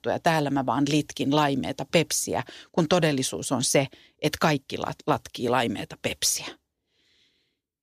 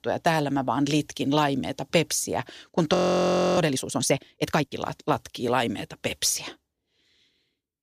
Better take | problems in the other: first | audio freezing; at 3 s for 0.5 s

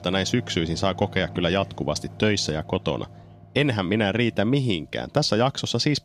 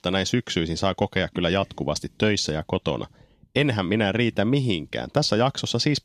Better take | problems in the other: second | machinery noise; noticeable; throughout; 20 dB below the speech

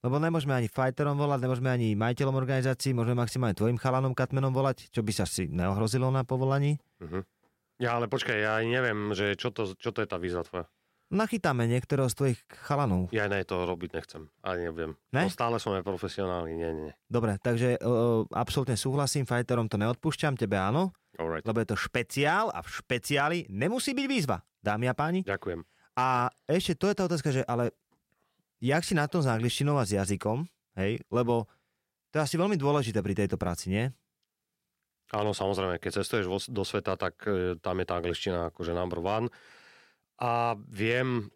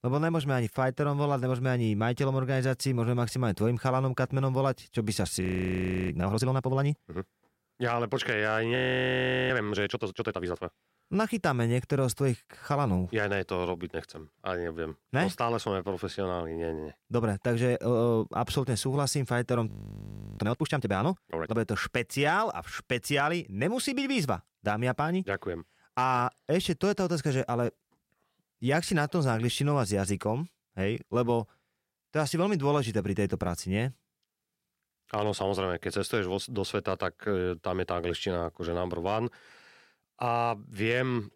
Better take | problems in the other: first | audio freezing; at 5.5 s for 0.5 s, at 9 s for 0.5 s and at 20 s for 0.5 s

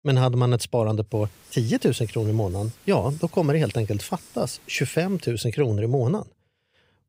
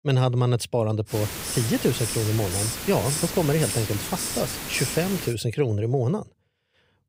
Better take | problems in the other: first | hiss; loud; from 1 to 5.5 s; 4 dB below the speech; faint in the first

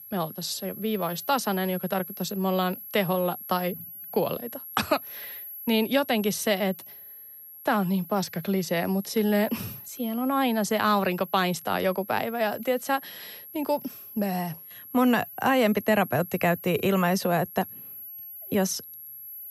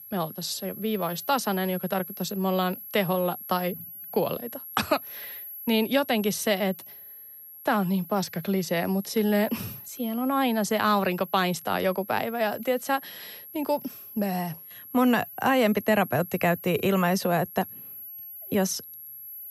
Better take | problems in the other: neither | high-pitched whine; noticeable; throughout; 11.5 kHz, 15 dB below the speech; the same in both

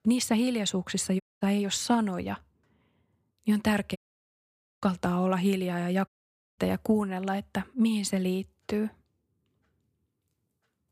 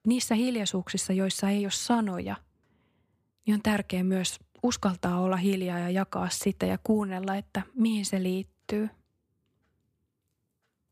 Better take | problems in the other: second | audio cutting out; at 1 s, at 4 s for 1 s and at 6 s

